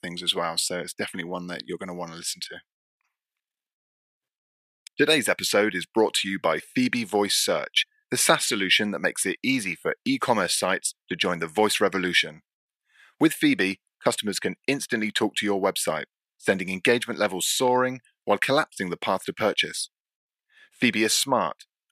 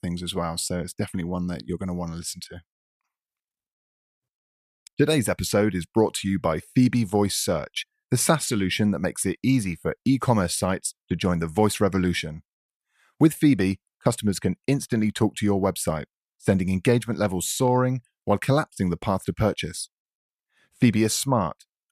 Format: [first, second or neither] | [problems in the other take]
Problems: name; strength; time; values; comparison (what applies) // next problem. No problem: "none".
second | thin; somewhat; fading below 300 Hz